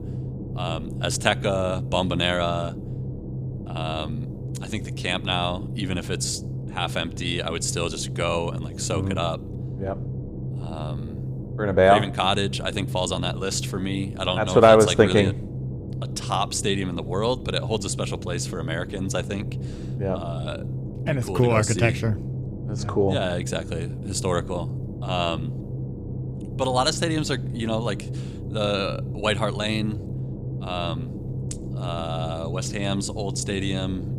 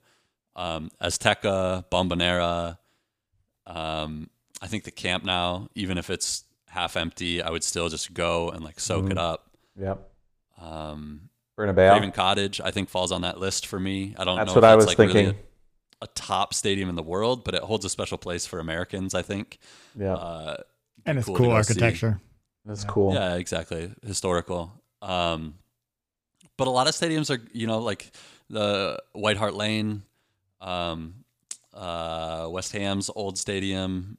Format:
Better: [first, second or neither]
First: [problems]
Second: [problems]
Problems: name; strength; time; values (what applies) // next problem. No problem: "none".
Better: second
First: low rumble; noticeable; throughout; 15 dB below the speech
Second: none